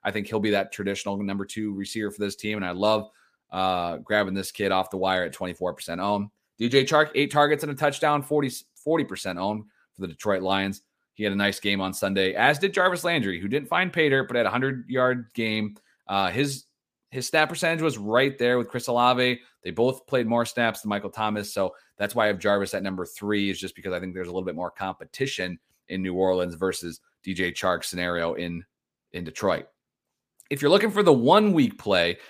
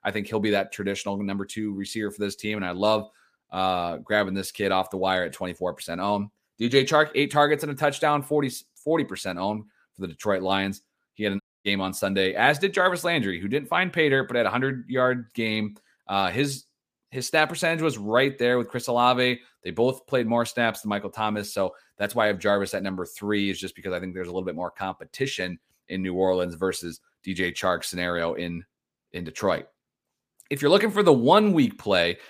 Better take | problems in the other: first | audio cutting out; at 11 s

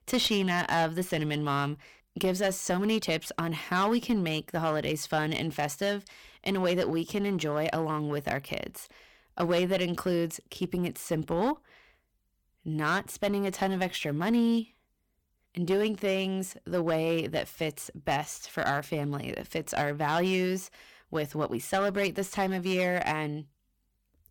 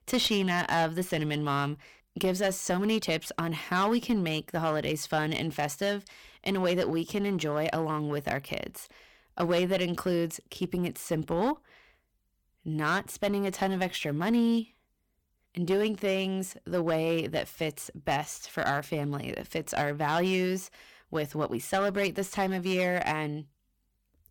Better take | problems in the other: neither | distortion; slight; 7% of the sound clipped; the same in both

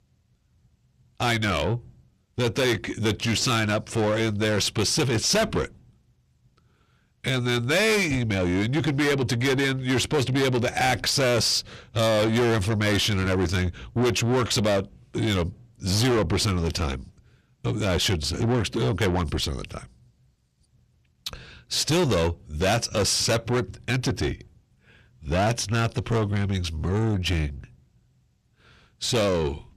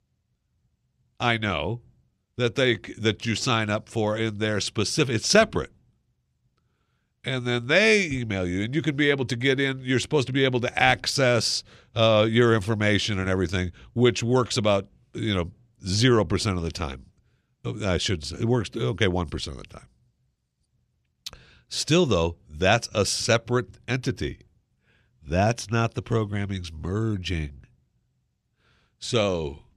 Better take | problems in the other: second | distortion; heavy; 6 dB below the speech

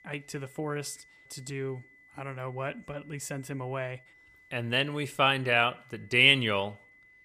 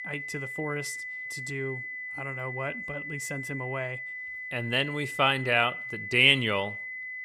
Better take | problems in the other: first | high-pitched whine; loud; throughout; 2 kHz, 8 dB below the speech; faint in the first

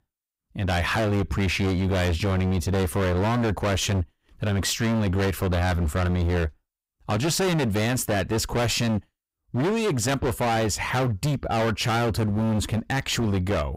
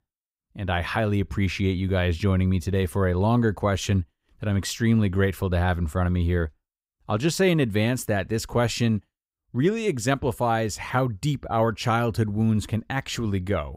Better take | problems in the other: second | distortion; heavy; 33% of the sound clipped

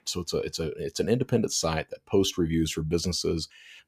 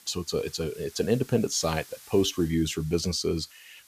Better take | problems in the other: first | hiss; faint; throughout; 20 dB below the speech

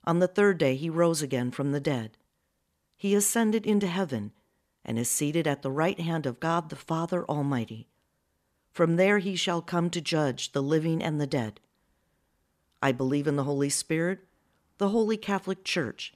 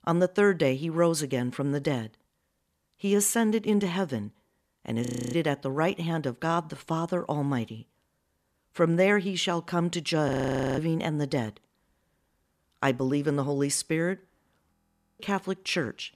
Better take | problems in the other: first | audio freezing; at 5 s, at 10 s and at 15 s

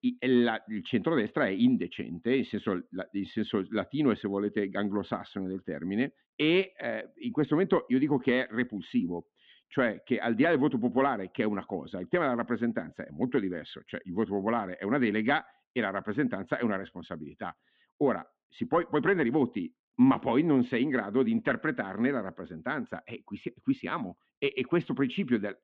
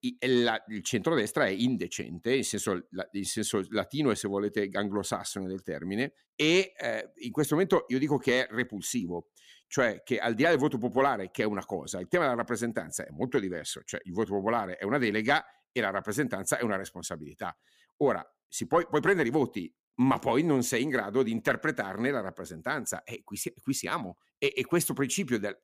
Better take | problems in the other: second | muffled; very; fading above 3.5 kHz

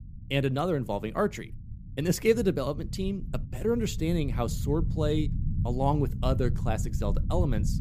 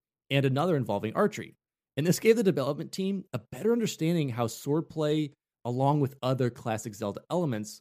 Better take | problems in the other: second | low rumble; noticeable; throughout; 15 dB below the speech

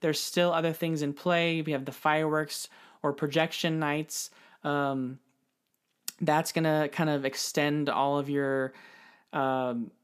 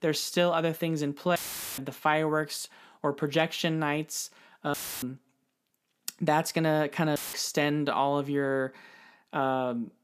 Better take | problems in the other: first | audio cutting out; filled with static; at 1.5 s, at 4.5 s and at 7 s

